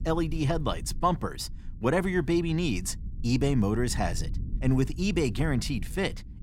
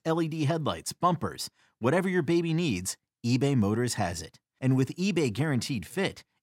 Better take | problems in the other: second | low rumble; faint; throughout; 20 dB below the speech

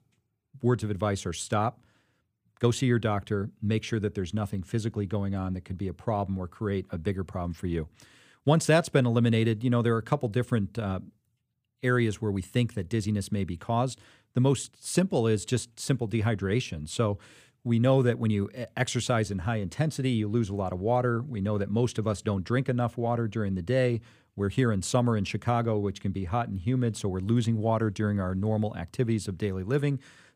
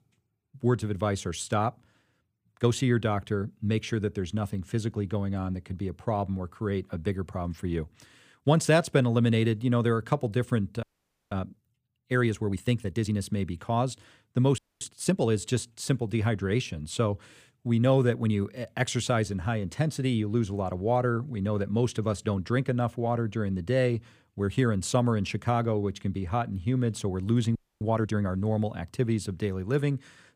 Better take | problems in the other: first | audio freezing; at 11 s, at 15 s and at 28 s

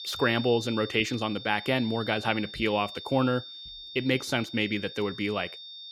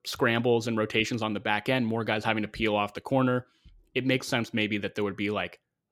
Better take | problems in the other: second | high-pitched whine; noticeable; throughout; 3.5 kHz, 10 dB below the speech

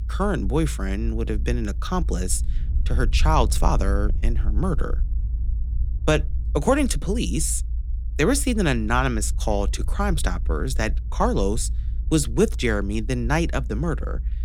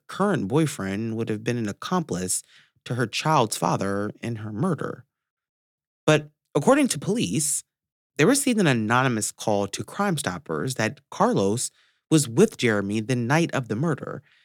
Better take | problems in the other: second | low rumble; faint; throughout; 20 dB below the speech

